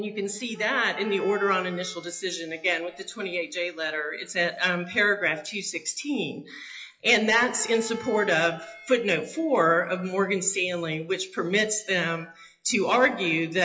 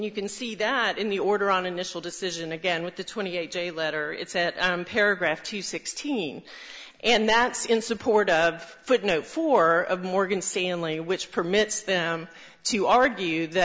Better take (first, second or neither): second